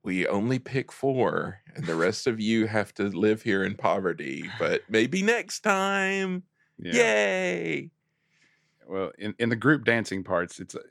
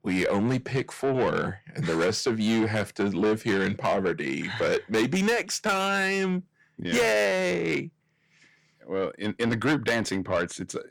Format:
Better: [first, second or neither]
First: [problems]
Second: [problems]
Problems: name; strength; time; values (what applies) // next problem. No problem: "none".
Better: first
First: none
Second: distortion; heavy; 8 dB below the speech